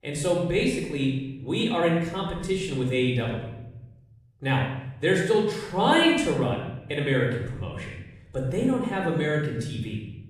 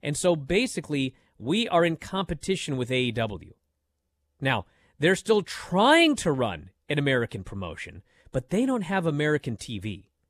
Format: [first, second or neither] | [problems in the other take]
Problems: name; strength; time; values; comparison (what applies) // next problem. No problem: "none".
second | off-mic speech; somewhat distant // room echo; noticeable; dies away in 0.9 s